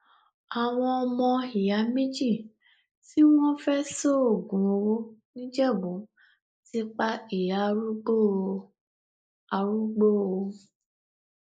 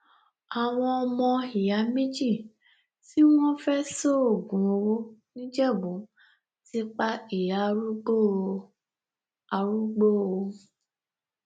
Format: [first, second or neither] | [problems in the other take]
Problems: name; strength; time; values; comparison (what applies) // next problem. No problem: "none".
second | noise reduction (neural mask model Resemble Enhance denoiser)